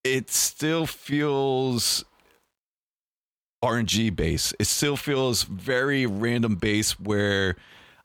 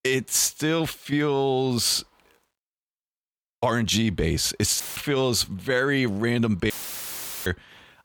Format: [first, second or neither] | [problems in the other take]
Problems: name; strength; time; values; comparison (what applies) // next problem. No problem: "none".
first | audio cutting out; filled with static; at 5 s and at 6.5 s for 1 s